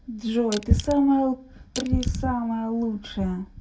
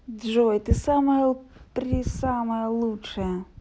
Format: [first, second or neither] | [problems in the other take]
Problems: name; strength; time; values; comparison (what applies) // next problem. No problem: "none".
second | background sound (Crushing); 16 dB below the speech // room echo; dies away in 0.2 s